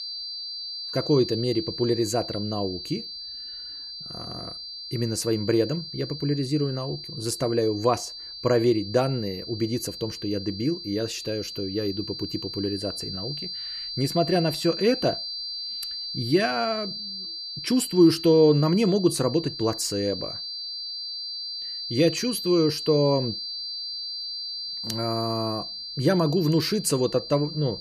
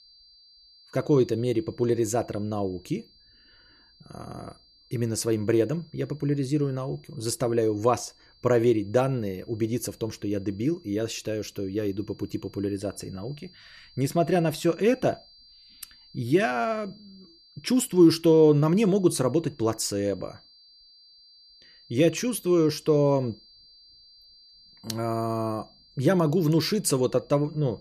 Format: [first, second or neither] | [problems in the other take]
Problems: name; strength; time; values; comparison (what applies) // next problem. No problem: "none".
second | high-pitched whine; loud; throughout; 4.5 kHz, 7 dB below the speech; faint in the second